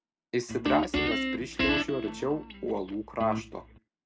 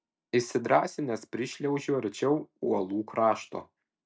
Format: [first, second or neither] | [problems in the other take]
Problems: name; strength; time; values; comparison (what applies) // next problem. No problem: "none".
second | background sound (Guitar); as loud as the speech